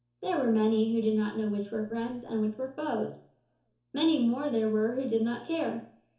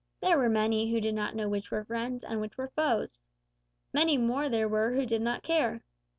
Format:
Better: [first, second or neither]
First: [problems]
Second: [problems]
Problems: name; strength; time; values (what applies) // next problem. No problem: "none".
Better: second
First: room echo; dies away in 0.7 s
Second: none